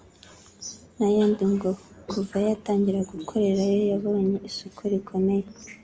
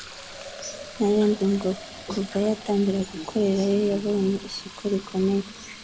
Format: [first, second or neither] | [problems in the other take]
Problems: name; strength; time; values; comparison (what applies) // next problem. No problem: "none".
first | background sound (Fill (with liquid)); 16 dB below the speech